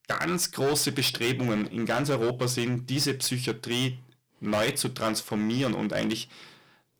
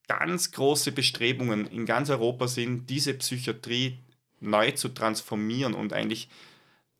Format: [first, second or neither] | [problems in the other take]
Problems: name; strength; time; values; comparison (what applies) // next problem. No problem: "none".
second | distortion; heavy; 11% of the sound clipped